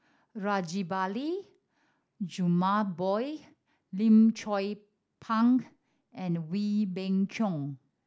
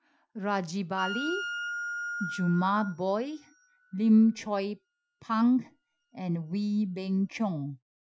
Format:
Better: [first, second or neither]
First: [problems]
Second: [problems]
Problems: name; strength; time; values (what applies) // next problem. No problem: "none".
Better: first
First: none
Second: noise reduction (classical method Wiener filter)